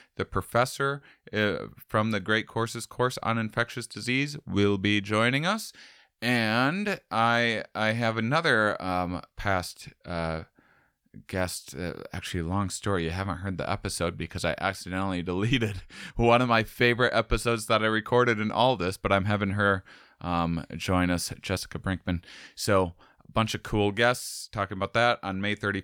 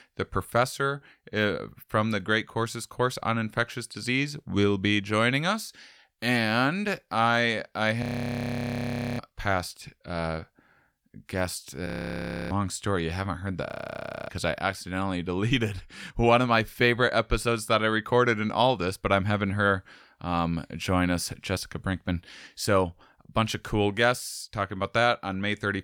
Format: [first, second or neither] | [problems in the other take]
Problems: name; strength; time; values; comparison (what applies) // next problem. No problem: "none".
first | audio freezing; at 8 s for 1 s, at 12 s for 0.5 s and at 14 s for 0.5 s